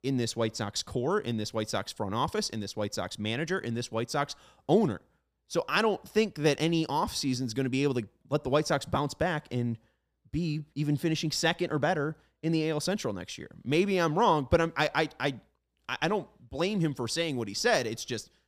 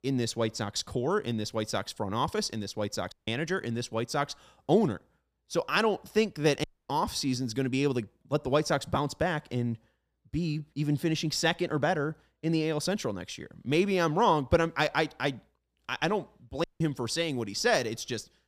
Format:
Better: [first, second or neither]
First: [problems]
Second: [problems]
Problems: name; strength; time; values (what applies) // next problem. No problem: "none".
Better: first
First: none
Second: audio cutting out; at 3 s, at 6.5 s and at 17 s